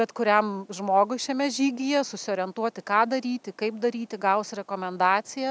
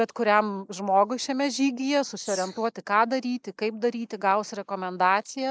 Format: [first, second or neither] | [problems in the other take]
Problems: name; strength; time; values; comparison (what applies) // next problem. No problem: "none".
first | noise reduction (neural mask model Resemble Enhance denoiser)